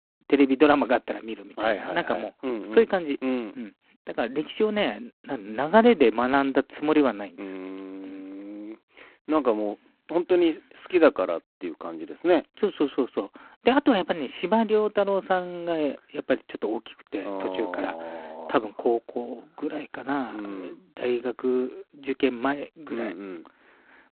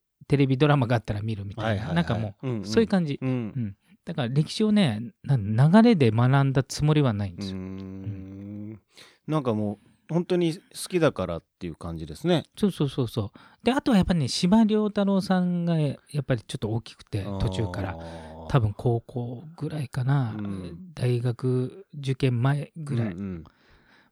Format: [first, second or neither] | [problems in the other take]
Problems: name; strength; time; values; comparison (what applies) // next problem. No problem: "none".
second | phone-call audio; poor line